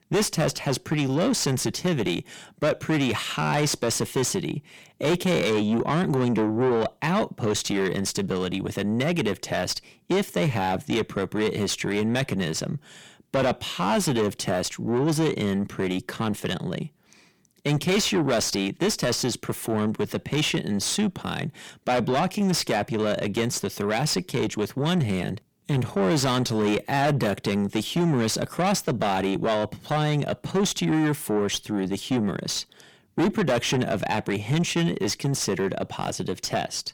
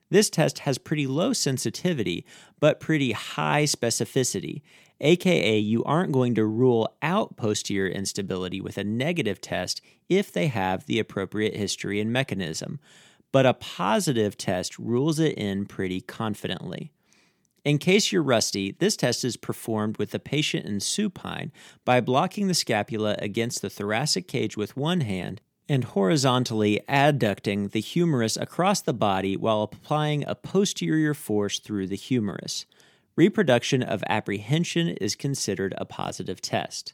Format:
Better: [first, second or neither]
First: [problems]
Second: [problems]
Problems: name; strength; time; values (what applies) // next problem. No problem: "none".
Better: second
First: distortion; heavy; 7 dB below the speech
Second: none